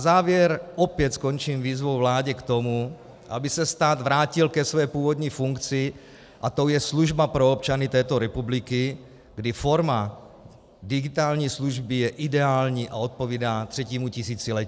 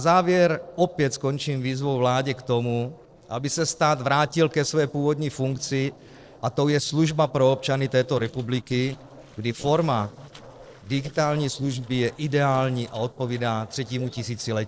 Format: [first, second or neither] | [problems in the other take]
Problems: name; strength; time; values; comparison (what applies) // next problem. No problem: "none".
first | noise reduction (neural separator model SepFormer DNS4)